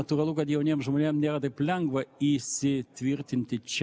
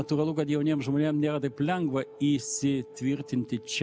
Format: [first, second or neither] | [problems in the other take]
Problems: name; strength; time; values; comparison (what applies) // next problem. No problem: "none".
first | background sound (Wind instrument, woodwind instrument); 20 dB below the speech